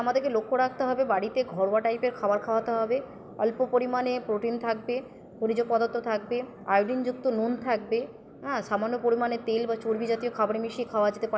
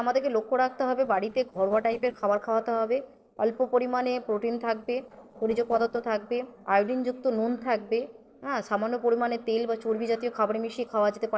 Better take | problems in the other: first | noise reduction (neural separator model SepFormer DNS4)

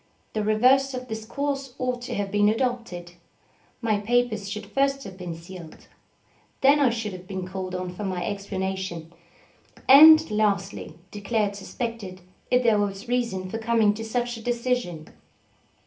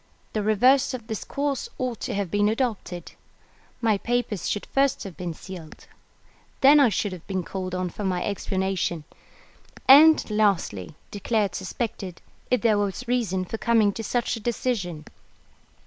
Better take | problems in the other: second | room echo; dies away in 0.3 s

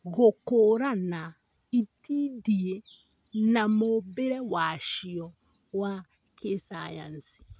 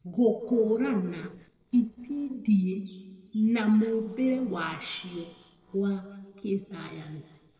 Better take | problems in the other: first | noise reduction (neural separator model SepFormer DNS4)

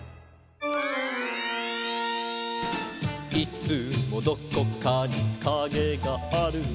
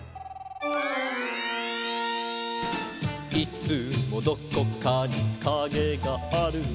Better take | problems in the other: first | background sound (Telephone); 17 dB below the speech

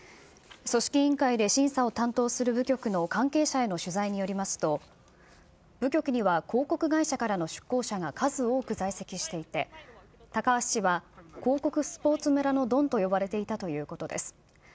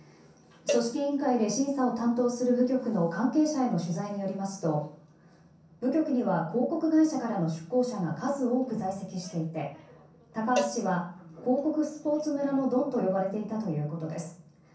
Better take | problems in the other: first | background sound (Cowbell); 9 dB below the speech // room echo; dies away in 0.6 s

